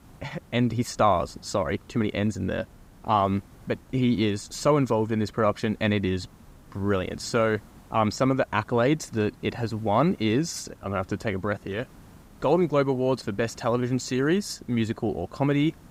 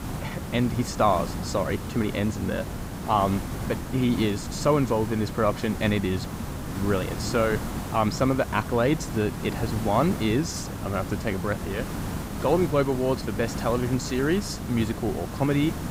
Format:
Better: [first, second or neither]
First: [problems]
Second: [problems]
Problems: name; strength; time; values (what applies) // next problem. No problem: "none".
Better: first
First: hiss; faint; throughout; 25 dB below the speech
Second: hiss; loud; throughout; 7 dB below the speech